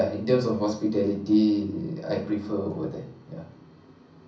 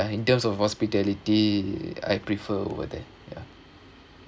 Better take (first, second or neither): second